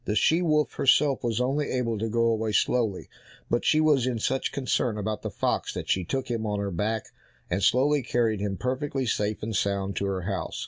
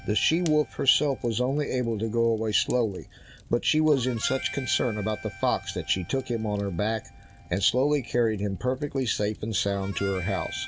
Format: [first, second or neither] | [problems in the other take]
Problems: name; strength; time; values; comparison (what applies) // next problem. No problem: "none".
first | background sound (Fire + Harmonica); 17 dB below the speech